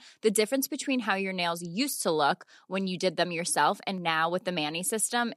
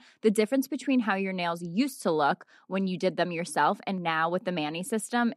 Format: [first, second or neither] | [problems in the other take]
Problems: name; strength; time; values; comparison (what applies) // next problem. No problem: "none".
first | muffled; slightly; fading above 3 kHz